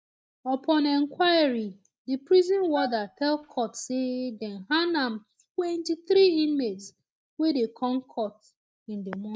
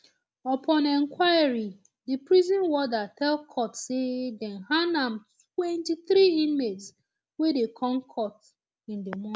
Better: second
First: noise reduction (neural mask model DeepFilterNet 3)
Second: none

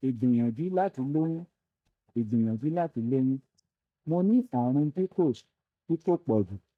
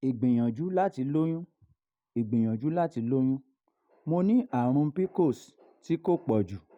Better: second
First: noise reduction (neural mask model DeepFilterNet 3)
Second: none

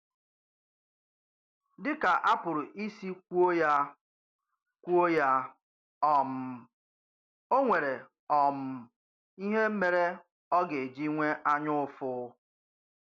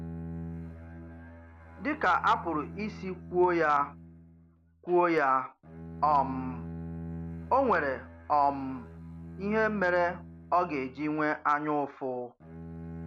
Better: first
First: none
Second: background sound (Bowed string instrument); 13 dB below the speech

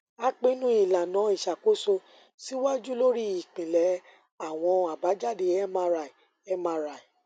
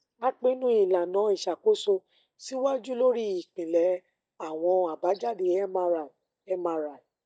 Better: first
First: none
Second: noise reduction (neural mask model DeepFilterNet 3)

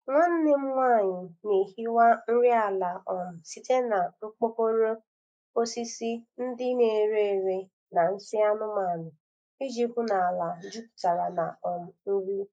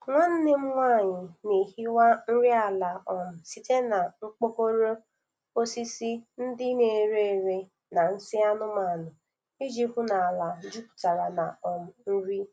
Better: second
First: noise reduction (neural mask model Resemble Enhance denoiser)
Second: none

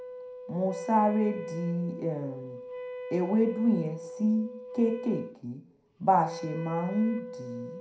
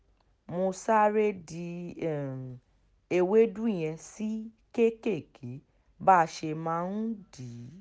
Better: second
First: background sound (Wind instrument, woodwind instrument); 11 dB below the speech // room echo; dies away in 0.4 s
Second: none

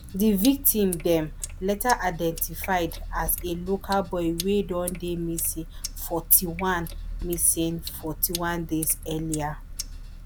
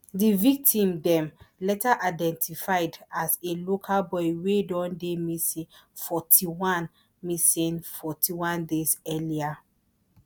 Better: second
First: background sound (Sink (filling or washing)); 10 dB below the speech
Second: none

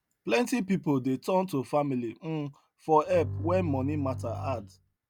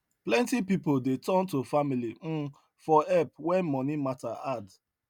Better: second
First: background sound (Bowed string instrument); 7 dB below the speech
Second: none

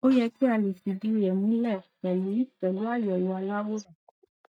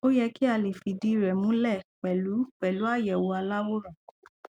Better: second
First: noise reduction (neural mask model DeepFilterNet 3)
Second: none

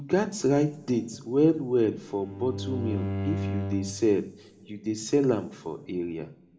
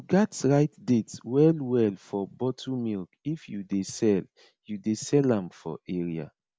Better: second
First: background sound (Bowed string instrument); 6 dB below the speech // room echo; dies away in 1.7 s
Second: none

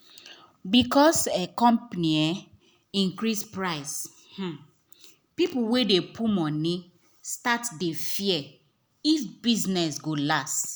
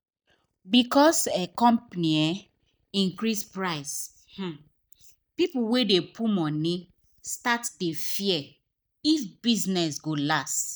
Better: first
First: none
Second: noise reduction (neural mask model DeepFilterNet 3)

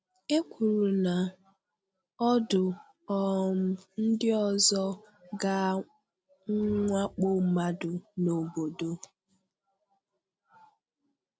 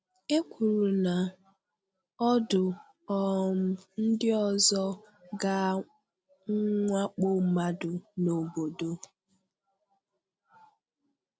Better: second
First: background sound (Bowed string instrument); 16 dB below the speech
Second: none

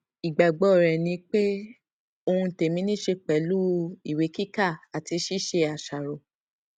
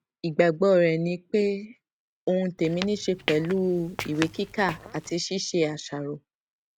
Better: first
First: none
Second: background sound (Squeak / Walk, footsteps); 11 dB below the speech

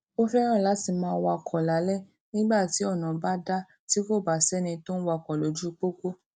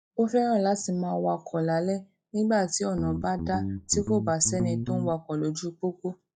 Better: first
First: none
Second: noise reduction (classical method log-MMSE)

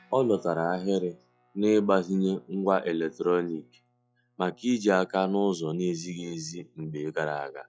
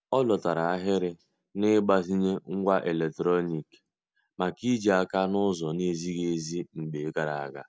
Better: second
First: noise reduction (classical method log-MMSE)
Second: none

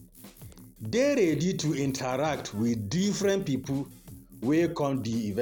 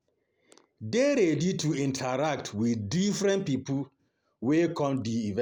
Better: second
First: background sound (Drum kit); 19 dB below the speech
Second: none

